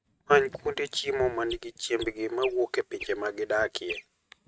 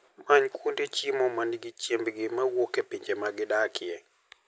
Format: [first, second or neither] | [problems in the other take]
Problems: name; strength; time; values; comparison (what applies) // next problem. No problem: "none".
second | noise reduction (neural mask model RNNoise)